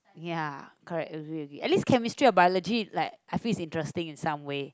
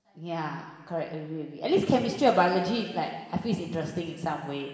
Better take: first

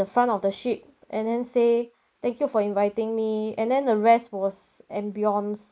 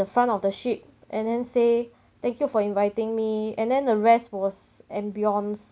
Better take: second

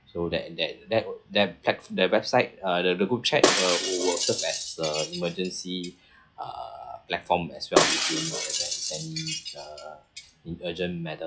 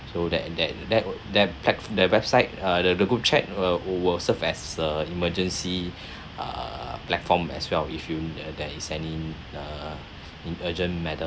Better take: second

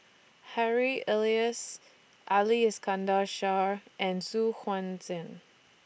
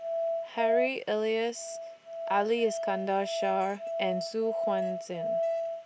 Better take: first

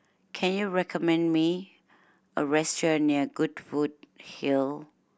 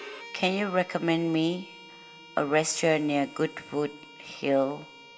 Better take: first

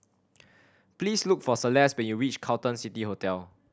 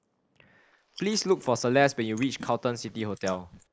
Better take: first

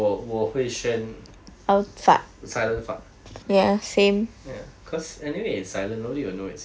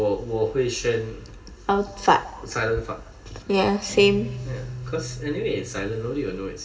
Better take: first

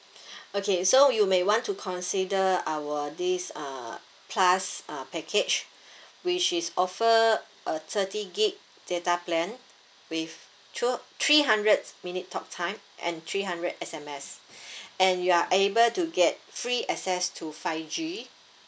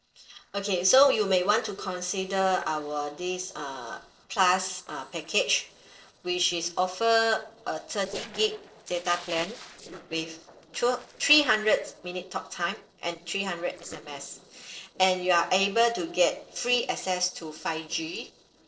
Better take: first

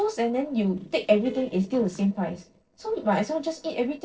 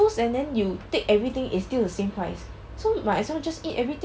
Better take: second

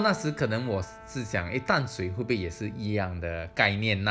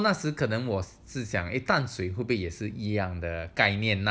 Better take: second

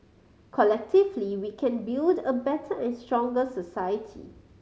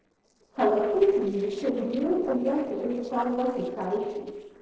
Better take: first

